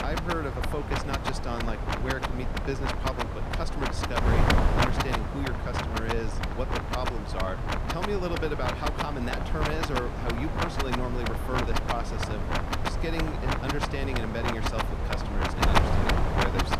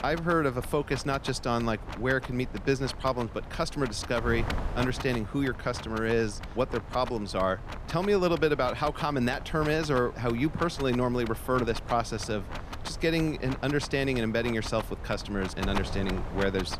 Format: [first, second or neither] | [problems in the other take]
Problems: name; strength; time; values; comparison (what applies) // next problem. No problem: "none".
second | wind noise on the microphone; heavy; 5 dB above the speech; occasional gusts in the second